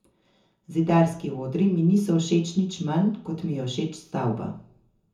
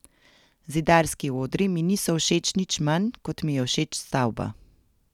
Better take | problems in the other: second | room echo; dies away in 0.6 s

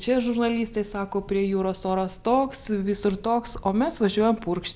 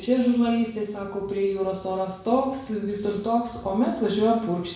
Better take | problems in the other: first | room echo; dies away in 0.7 s

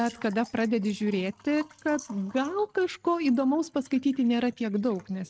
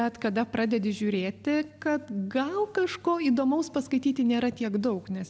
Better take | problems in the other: second | noise reduction (neural mask model RNNoise)

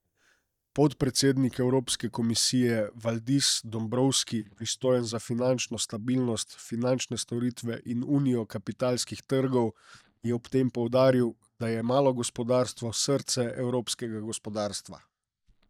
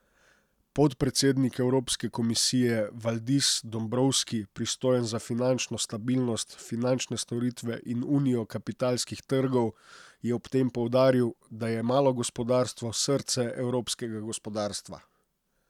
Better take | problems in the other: second | noise reduction (neural mask model DeepFilterNet 3)

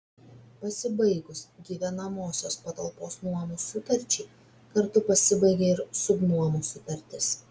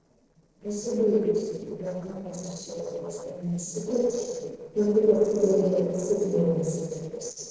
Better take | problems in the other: first | noise reduction (neural separator model SepFormer DNS4)

